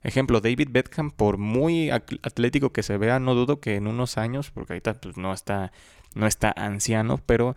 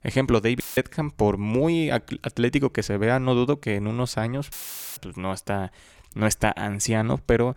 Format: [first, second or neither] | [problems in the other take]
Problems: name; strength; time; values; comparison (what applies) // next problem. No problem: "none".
first | audio cutting out; filled with static; at 0.5 s and at 4.5 s